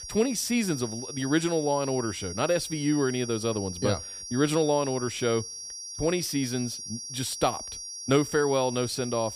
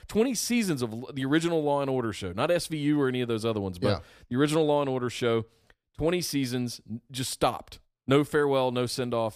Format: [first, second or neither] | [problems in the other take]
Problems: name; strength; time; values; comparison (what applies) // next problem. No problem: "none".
second | high-pitched whine; loud; throughout; 5.5 kHz, 8 dB below the speech